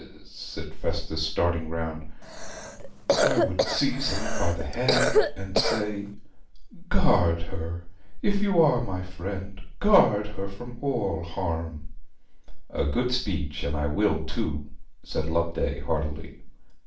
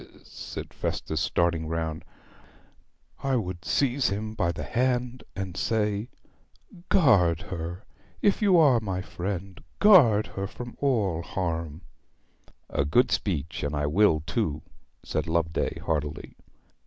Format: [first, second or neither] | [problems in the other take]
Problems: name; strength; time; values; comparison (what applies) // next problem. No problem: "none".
second | background sound (Cough); 2 dB below the speech // room echo; dies away in 0.4 s